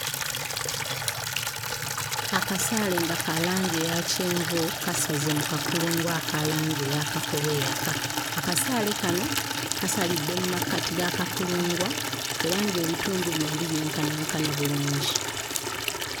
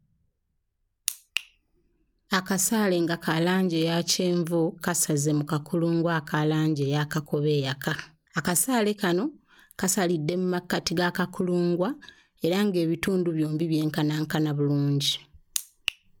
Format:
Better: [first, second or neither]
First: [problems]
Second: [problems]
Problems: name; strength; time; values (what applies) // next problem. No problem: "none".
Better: second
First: background sound (Water tap, faucet / Liquid); as loud as the speech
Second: none